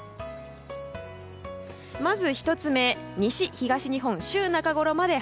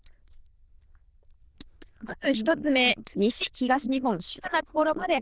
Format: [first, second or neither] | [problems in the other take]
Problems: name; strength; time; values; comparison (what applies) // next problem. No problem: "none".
first | noise reduction (neural diffusion model UNIVERSE++)